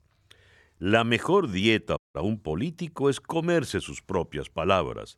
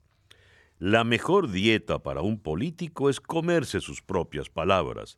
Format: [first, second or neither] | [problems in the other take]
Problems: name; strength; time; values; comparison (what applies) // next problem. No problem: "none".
second | audio cutting out; at 2 s